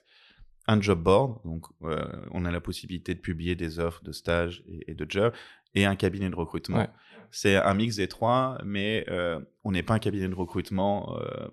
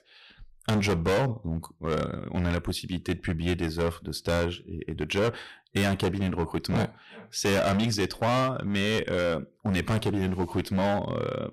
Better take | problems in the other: first | distortion; heavy; 13% of the sound clipped

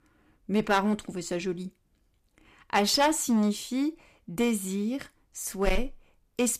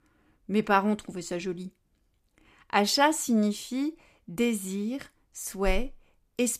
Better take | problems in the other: second | distortion; slight; 3% of the sound clipped

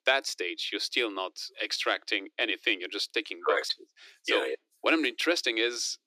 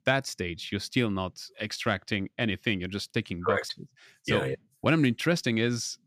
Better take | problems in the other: second | thin; very; fading below 300 Hz

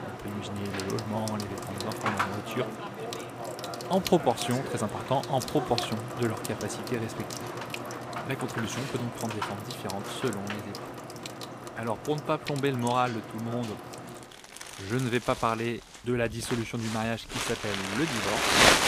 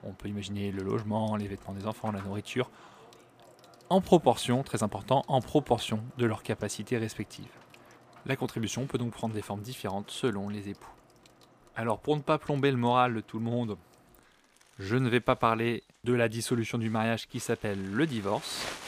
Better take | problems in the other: second | household noises; loud; throughout; 2 dB below the speech; faint in the second

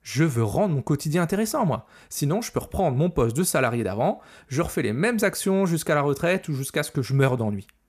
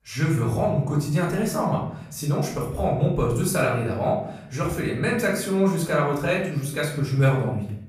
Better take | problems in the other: first | off-mic speech; far // room echo; noticeable; dies away in 0.6 s

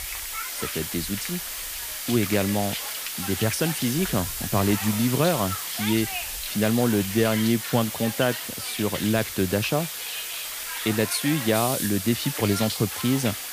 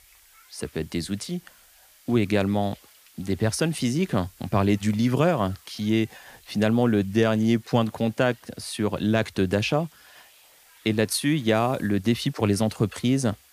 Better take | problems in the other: second | hiss; loud; throughout; 4 dB below the speech; faint in the second

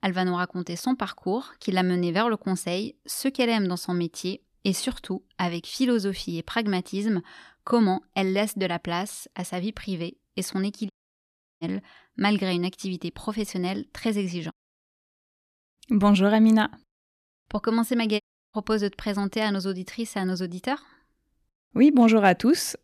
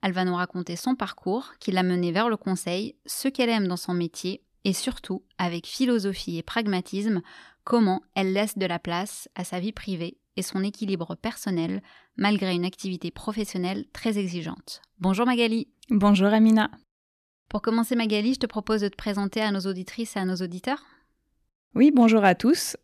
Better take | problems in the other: second | audio cutting out; at 11 s for 0.5 s, at 15 s for 1 s and at 18 s

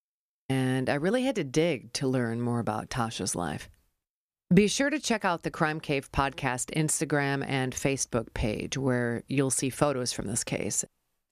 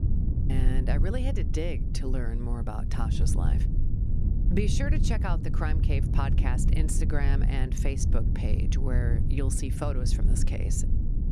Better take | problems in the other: first | low rumble; loud; throughout; 5 dB below the speech

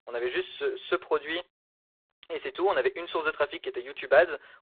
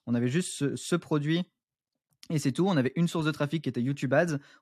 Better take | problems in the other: second | phone-call audio; poor line; nothing above 3.5 kHz

